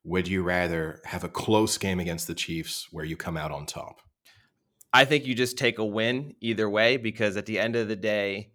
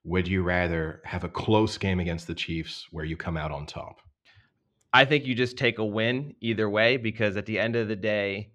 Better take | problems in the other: first | muffled; very slightly; fading above 3 kHz

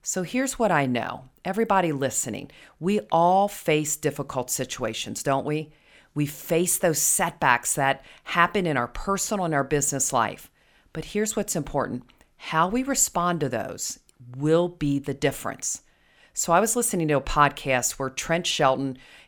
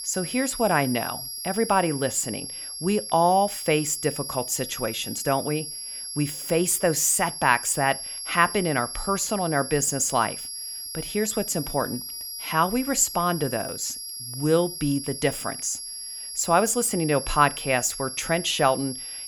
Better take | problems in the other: first | high-pitched whine; loud; throughout; 11 kHz, 8 dB below the speech

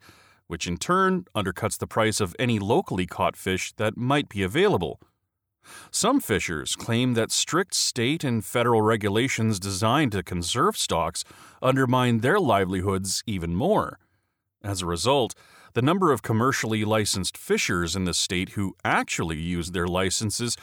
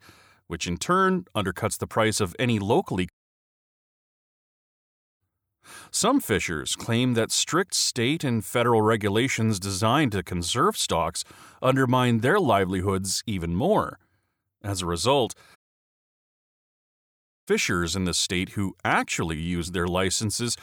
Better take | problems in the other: first | audio cutting out; at 3 s for 2 s and at 16 s for 2 s

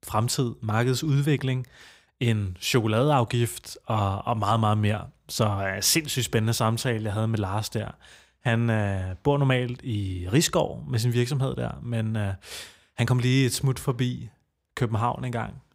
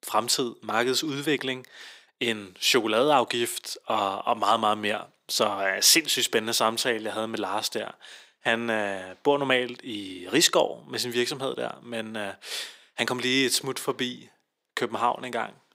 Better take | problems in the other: first | thin; somewhat; fading below 300 Hz

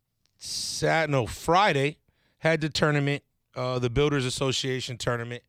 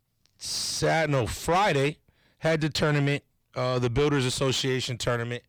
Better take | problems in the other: first | distortion; slight; 10 dB below the speech

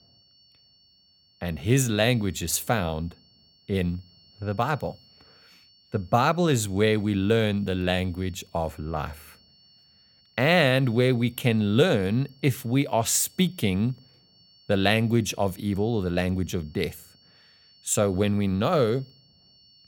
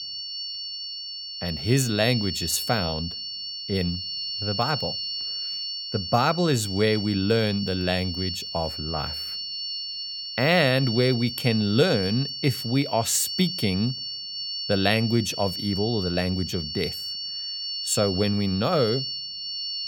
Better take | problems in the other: first | high-pitched whine; loud; throughout; 4.5 kHz, 5 dB below the speech; faint in the first

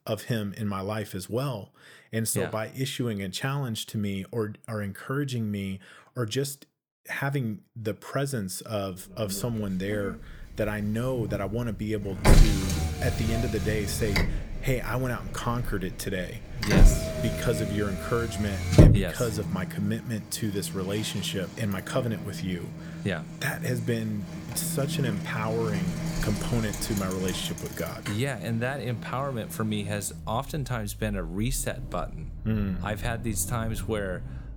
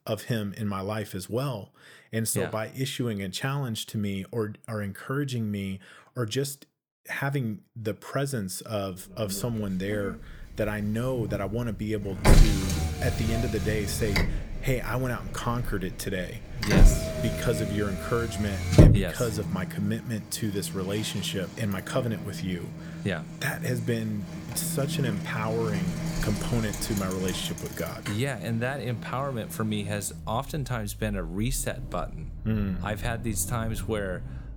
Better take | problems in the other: neither | traffic noise; very loud; from 9.5 s on; as loud as the speech; the same in both

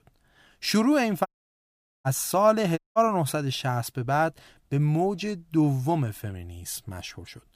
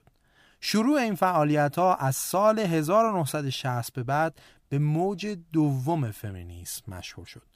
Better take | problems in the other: second | audio cutting out; at 1.5 s for 1 s and at 3 s

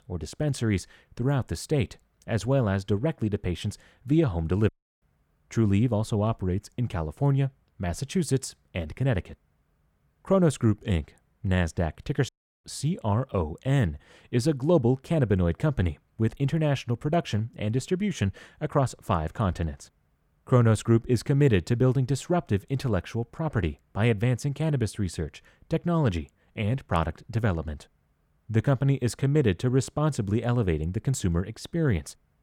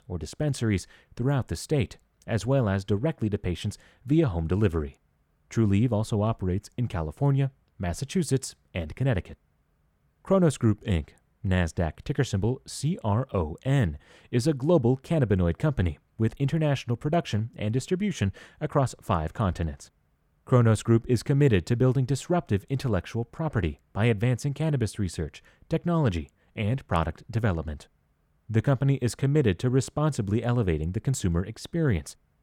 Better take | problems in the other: second | audio cutting out; at 4.5 s and at 12 s

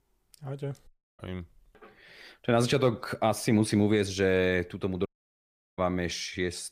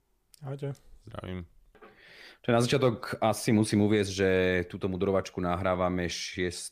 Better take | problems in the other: second | audio cutting out; at 1 s and at 5 s for 0.5 s

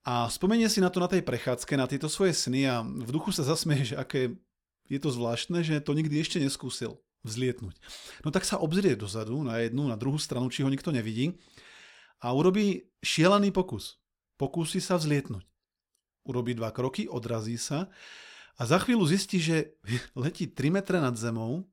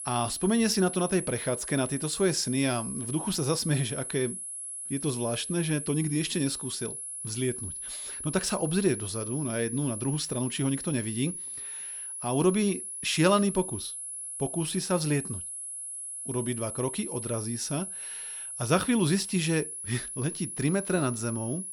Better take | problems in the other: first | high-pitched whine; loud; throughout; 10.5 kHz, 6 dB below the speech

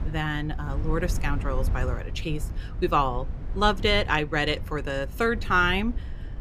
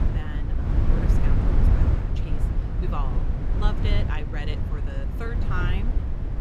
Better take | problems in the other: first | low rumble; loud; throughout; 1 dB below the speech; faint in the first

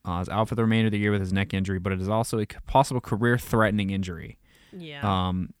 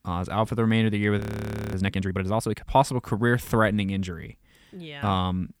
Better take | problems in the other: first | audio freezing; at 1 s for 0.5 s

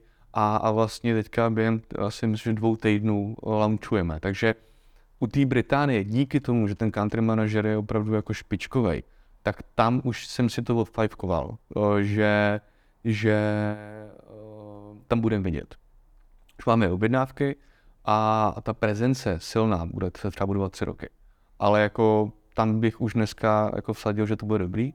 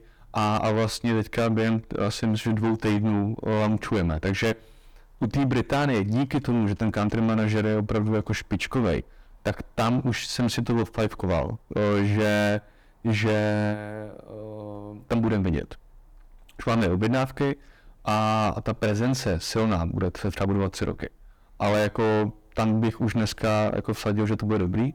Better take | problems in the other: first | distortion; heavy; 6 dB below the speech

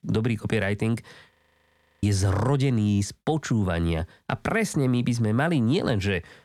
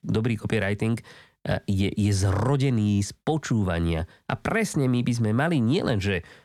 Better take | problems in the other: second | audio freezing; at 1.5 s for 0.5 s

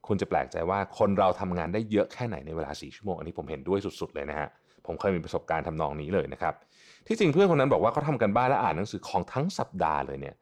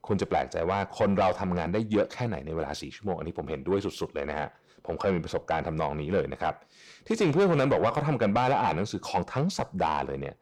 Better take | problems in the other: first | distortion; slight; 10 dB below the speech

